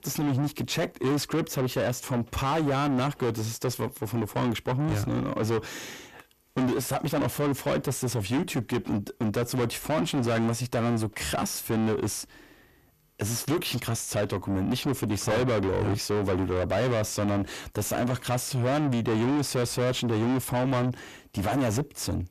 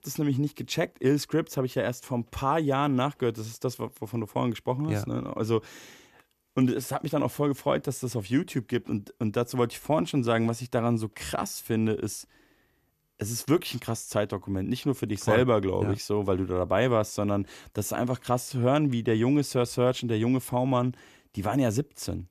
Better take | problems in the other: second | distortion; heavy; 6 dB below the speech

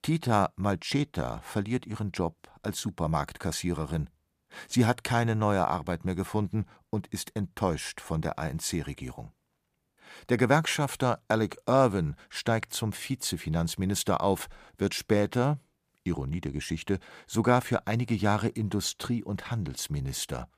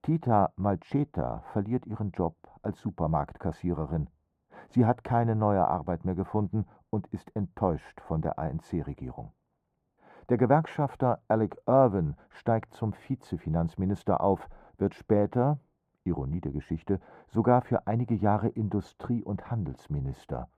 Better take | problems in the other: first | muffled; very; fading above 2 kHz

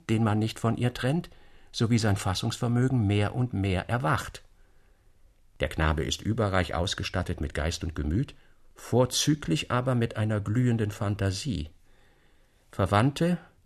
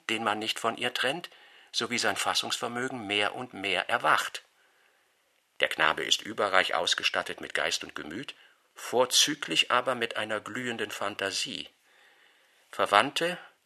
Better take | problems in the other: first | thin; very; fading below 550 Hz

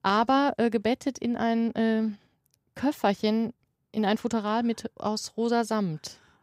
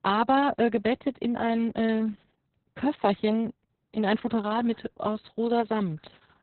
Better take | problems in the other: first | garbled, watery; badly; nothing above 4 kHz

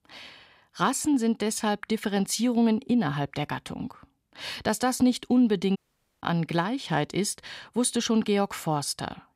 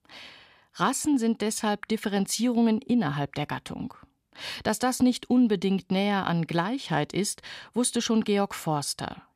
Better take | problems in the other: second | audio cutting out; at 6 s

